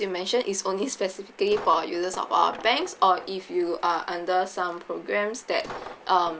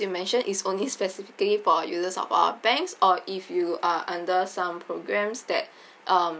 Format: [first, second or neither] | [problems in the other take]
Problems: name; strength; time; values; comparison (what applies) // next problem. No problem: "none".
second | background sound (Coin (dropping)); 18 dB below the speech